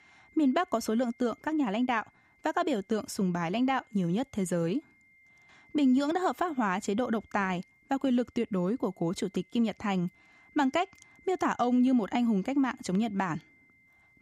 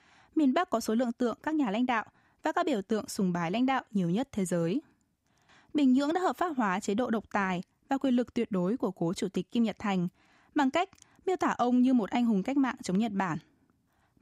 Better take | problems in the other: second | high-pitched whine; faint; throughout; 2 kHz, 30 dB below the speech

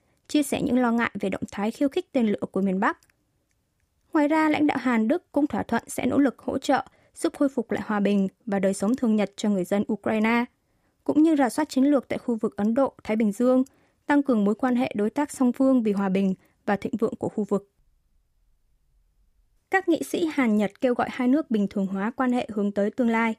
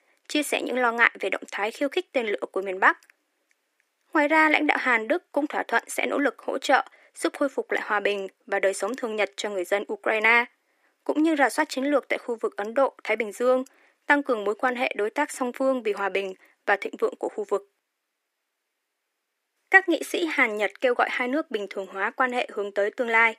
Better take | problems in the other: first | thin; somewhat; fading below 350 Hz

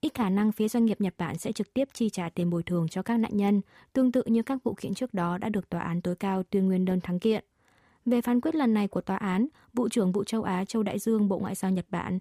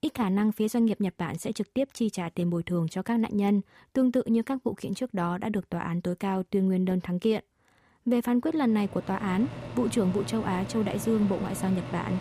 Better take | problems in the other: first | household noises; noticeable; from 9 s on; 10 dB below the speech

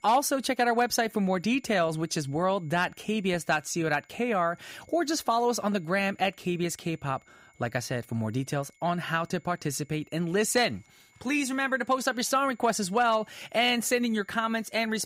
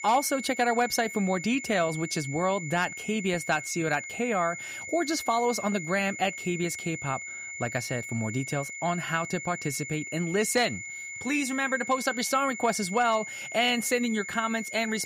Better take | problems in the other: first | high-pitched whine; loud; throughout; 2 kHz, 8 dB below the speech; faint in the first

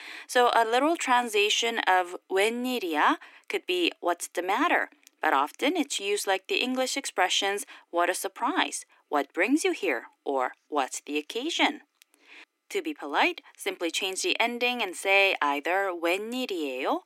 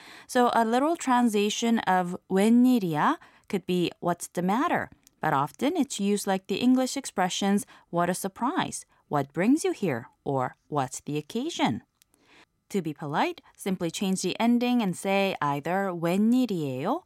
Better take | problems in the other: second | thin; somewhat; fading below 300 Hz

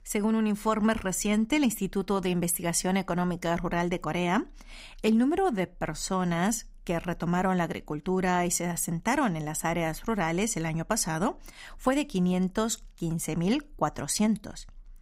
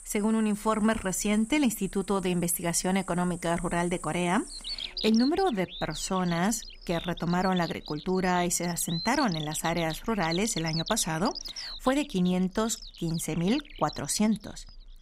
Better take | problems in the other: first | animal sounds; noticeable; throughout; 10 dB below the speech

